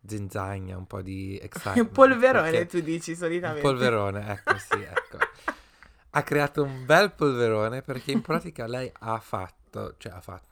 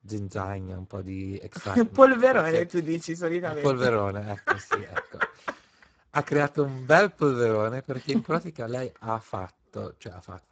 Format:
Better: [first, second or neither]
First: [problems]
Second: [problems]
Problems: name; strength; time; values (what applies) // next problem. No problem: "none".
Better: first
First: none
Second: garbled, watery; badly; nothing above 7.5 kHz